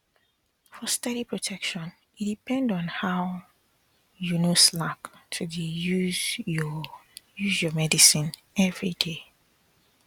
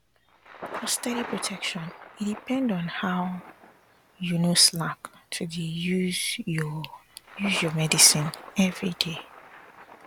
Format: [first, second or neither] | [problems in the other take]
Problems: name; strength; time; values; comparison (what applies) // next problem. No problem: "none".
first | background sound (Thunder); 15 dB below the speech